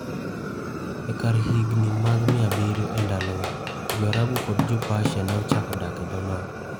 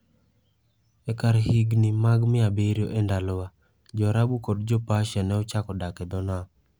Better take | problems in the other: second | background sound (Drum / Drum kit + Fire); 4 dB below the speech

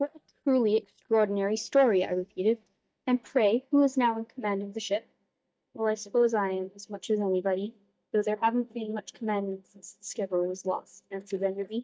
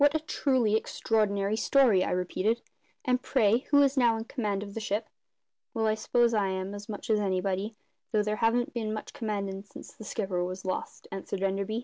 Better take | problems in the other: second | noise reduction (neural mask model DeepFilterNet 3)

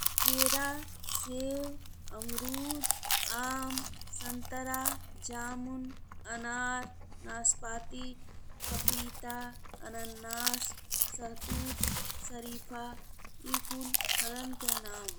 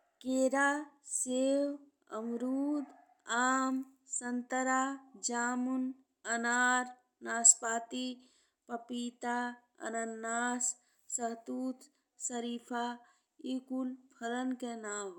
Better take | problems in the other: second | background sound (Chewing, mastication); 4 dB above the speech

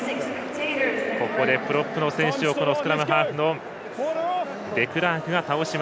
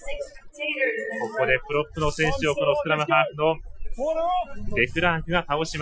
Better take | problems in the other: first | noise reduction (classical method Wiener filter)

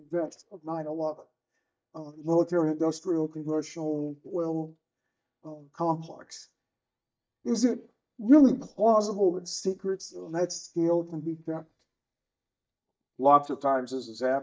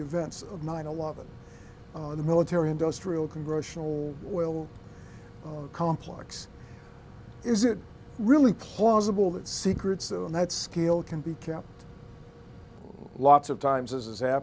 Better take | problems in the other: second | noise reduction (neural mask model DeepFilterNet 3)

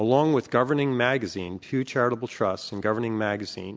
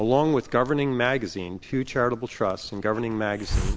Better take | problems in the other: first | background sound (Hiss); 9 dB below the speech

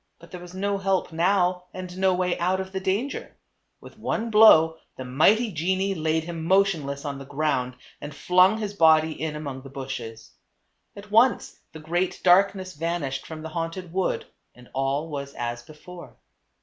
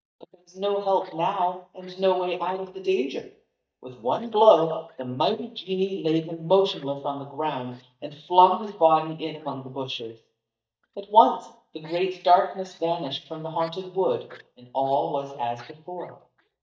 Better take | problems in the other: first | noise reduction (neural mask model DeepFilterNet 3)

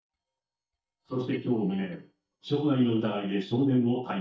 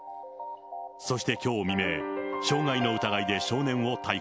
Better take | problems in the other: second | noise reduction (neural mask model DeepFilterNet 3)

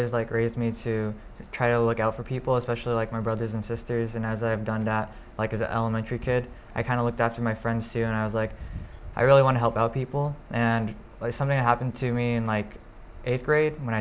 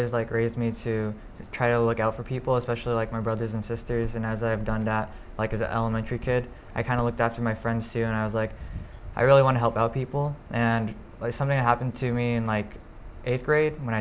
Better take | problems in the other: first | background sound (Bird vocalization, bird call, bird song); 17 dB below the speech

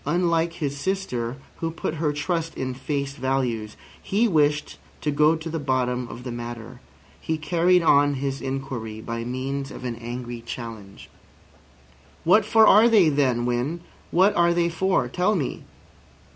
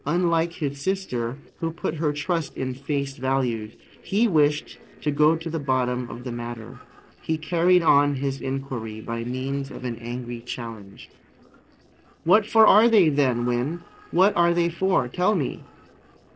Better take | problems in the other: first | noise reduction (neural separator model SepFormer DNS4)

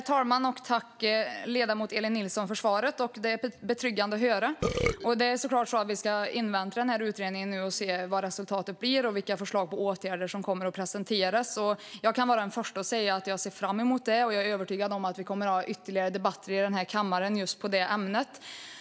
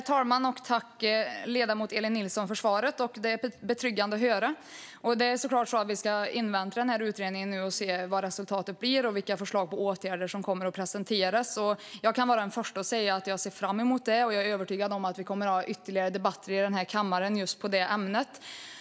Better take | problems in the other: second | background sound (Burping, eructation); as loud as the speech

